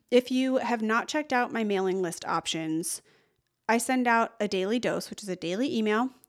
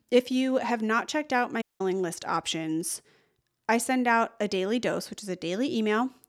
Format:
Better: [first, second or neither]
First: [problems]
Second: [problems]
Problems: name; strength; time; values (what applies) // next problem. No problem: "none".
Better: first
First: none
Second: audio cutting out; at 1.5 s